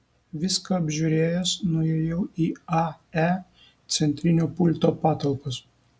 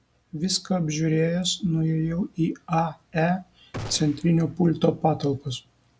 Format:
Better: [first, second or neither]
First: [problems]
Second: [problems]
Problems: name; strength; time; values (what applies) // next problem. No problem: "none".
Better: first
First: none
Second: background sound (Gunshot, gunfire); 15 dB below the speech